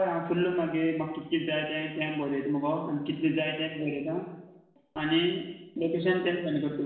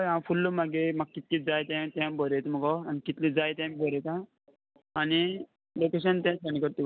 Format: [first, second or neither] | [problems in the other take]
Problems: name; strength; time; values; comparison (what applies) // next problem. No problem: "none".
second | room echo; dies away in 0.9 s